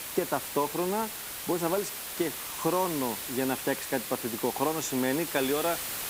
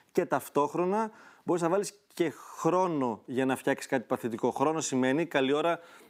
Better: second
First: hiss; loud; throughout; 4 dB below the speech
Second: none

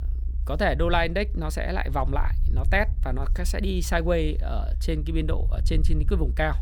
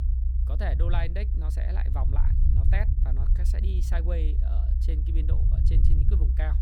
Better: first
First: low rumble; faint; throughout; 20 dB below the speech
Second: low rumble; loud; throughout; 4 dB below the speech

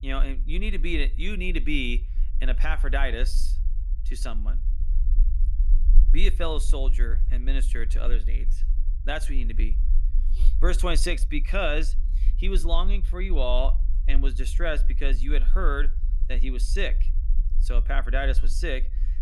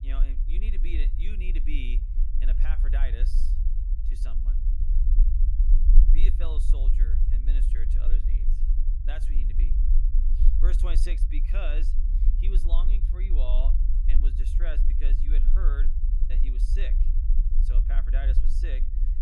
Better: first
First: low rumble; faint; throughout; 20 dB below the speech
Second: low rumble; loud; throughout; 6 dB below the speech

